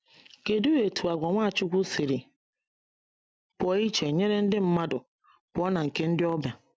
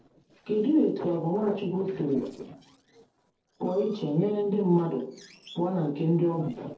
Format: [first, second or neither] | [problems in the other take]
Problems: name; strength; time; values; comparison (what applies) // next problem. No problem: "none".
first | noise reduction (neural separator model SepFormer DNS4)